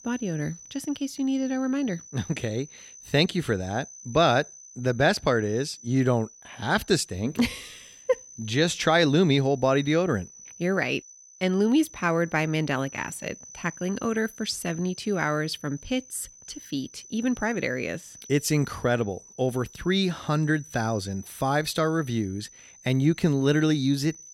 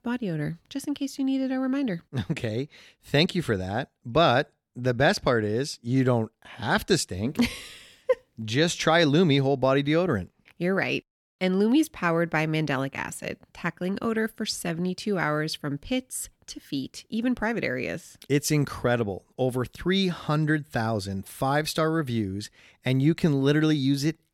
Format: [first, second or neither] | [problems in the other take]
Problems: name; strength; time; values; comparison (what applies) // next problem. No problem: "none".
second | high-pitched whine; noticeable; throughout; 6 kHz, 20 dB below the speech